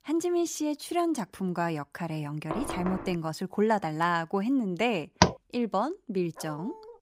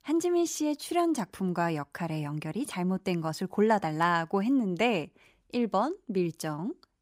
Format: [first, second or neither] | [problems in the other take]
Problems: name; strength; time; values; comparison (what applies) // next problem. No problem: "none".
second | door banging; noticeable; at 2.5 s; peak 5 dB below the speech // door banging; loud; at 5 s; peak 5 dB above the speech // dog barking; faint; at 6.5 s; peak 15 dB below the speech